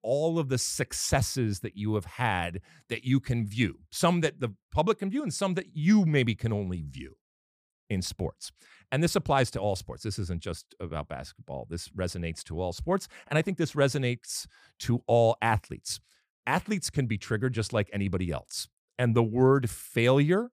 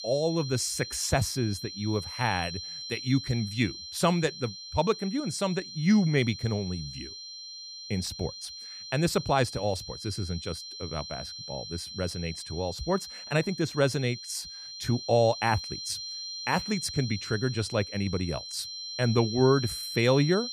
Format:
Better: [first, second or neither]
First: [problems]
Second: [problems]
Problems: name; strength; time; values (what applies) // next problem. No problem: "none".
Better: first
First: none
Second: high-pitched whine; loud; throughout; 4 kHz, 9 dB below the speech